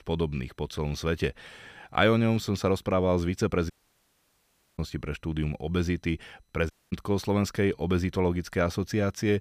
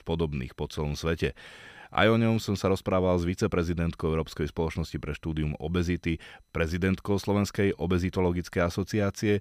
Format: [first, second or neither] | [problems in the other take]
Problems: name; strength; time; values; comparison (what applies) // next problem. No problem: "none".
second | audio cutting out; at 3.5 s for 1 s and at 6.5 s